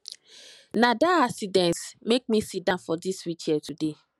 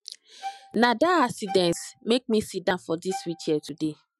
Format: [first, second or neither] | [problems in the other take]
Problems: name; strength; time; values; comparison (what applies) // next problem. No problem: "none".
first | noise reduction (classical method Wiener filter)